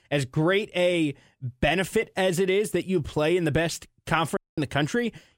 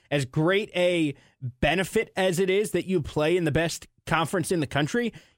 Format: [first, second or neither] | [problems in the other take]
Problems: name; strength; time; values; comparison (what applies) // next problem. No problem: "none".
second | audio cutting out; at 4.5 s